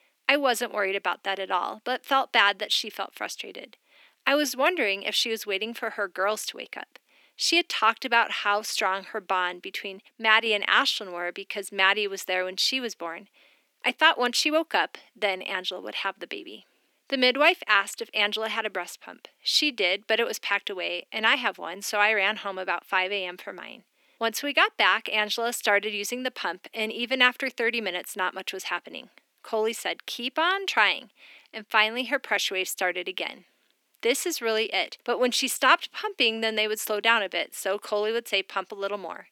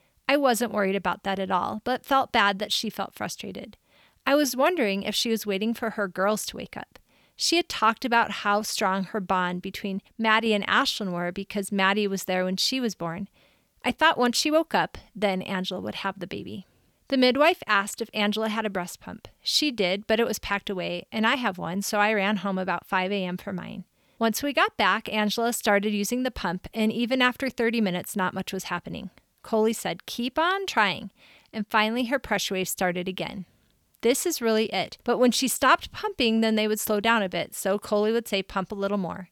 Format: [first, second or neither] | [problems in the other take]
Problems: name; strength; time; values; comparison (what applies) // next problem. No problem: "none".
second | thin; somewhat; fading below 250 Hz